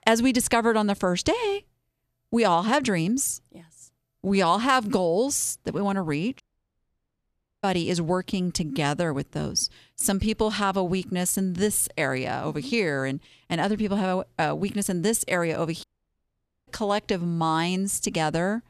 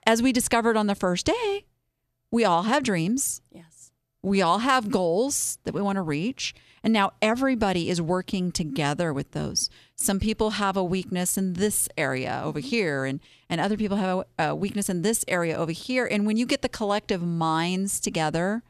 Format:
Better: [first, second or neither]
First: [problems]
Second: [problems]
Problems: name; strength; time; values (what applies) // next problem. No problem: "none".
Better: second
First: audio cutting out; at 6.5 s for 1 s and at 16 s for 1 s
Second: none